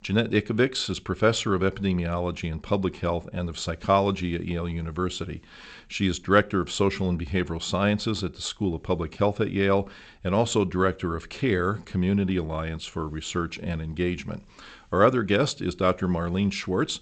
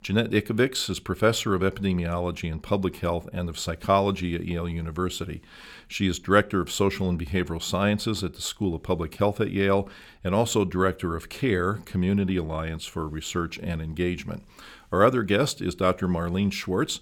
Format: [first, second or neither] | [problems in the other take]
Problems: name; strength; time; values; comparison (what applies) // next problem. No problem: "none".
second | garbled, watery; slightly; nothing above 8 kHz